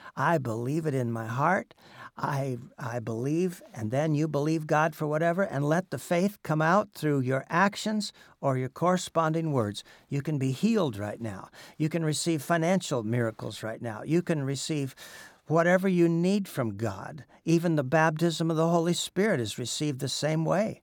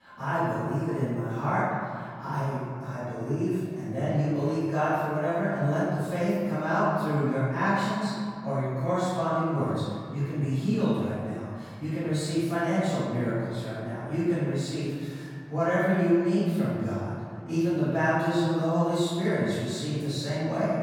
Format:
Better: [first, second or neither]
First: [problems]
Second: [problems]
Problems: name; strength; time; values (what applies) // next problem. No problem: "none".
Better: first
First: none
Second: off-mic speech; far // room echo; strong; dies away in 2.1 s